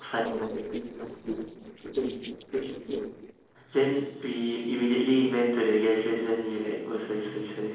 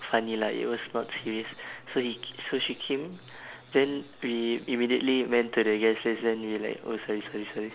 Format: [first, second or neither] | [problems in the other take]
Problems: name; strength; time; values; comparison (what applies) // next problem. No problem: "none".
second | noise reduction (neural separator model SepFormer DNS4)